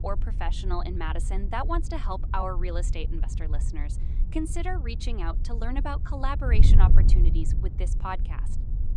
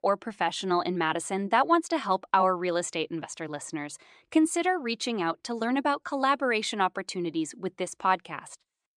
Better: second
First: wind noise on the microphone; occasional gusts; 10 dB below the speech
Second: none

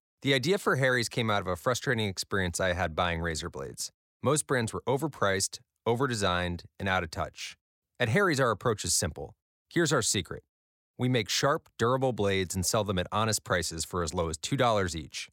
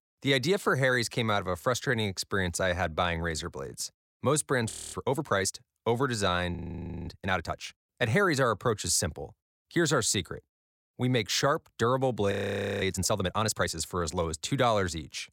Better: first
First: none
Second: audio freezing; at 4.5 s, at 6.5 s for 0.5 s and at 12 s for 0.5 s

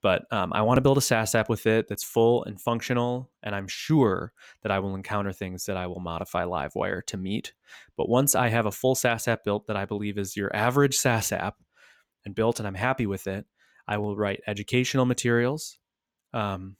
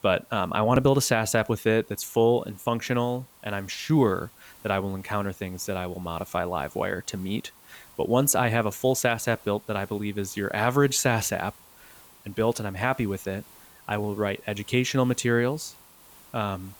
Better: first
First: none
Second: hiss; faint; throughout; 25 dB below the speech

